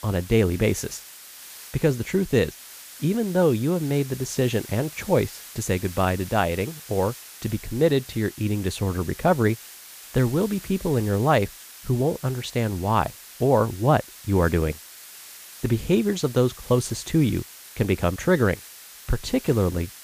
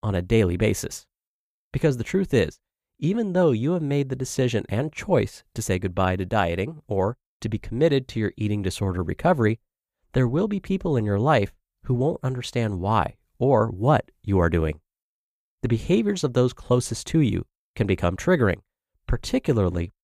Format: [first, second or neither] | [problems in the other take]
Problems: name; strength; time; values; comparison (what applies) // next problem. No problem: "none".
second | hiss; noticeable; throughout; 15 dB below the speech